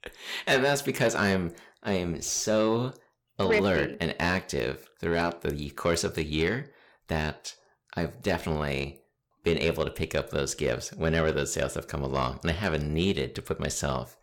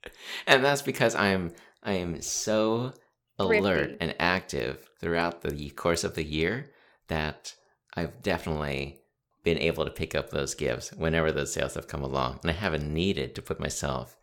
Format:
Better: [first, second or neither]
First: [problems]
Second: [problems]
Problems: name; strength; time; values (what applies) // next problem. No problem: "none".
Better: second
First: distortion; slight; 10 dB below the speech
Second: none